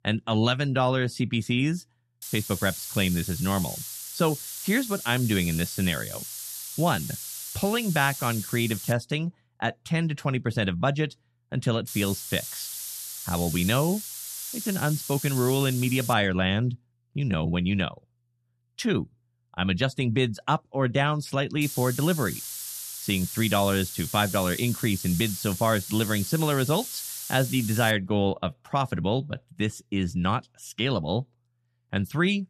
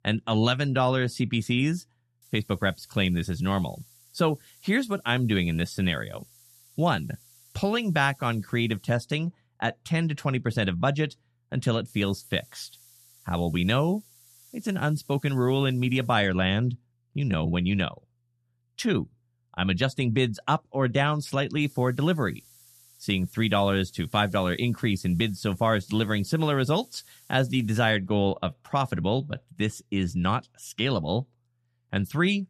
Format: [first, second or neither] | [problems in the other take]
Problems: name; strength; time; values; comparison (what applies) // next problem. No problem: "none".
second | hiss; loud; from 2 to 9 s, from 12 to 16 s and from 22 to 28 s; 8 dB below the speech; faint in the second